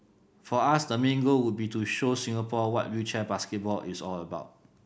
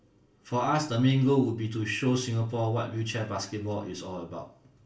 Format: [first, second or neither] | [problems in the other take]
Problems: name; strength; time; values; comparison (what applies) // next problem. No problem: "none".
first | room echo; dies away in 0.3 s